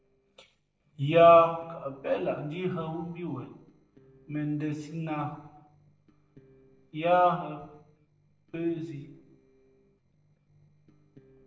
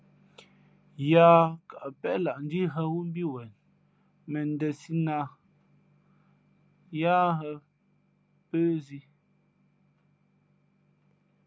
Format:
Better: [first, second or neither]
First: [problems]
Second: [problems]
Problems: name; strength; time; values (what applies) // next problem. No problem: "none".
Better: second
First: noise reduction (neural separator model SepFormer DNS4)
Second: none